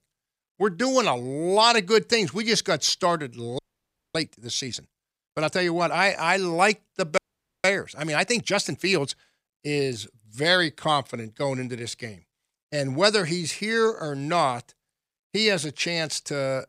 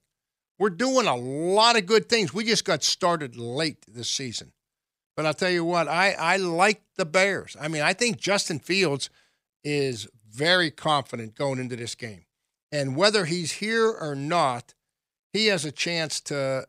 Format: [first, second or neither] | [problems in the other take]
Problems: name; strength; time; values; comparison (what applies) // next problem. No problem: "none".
second | audio freezing; at 3.5 s for 0.5 s and at 7 s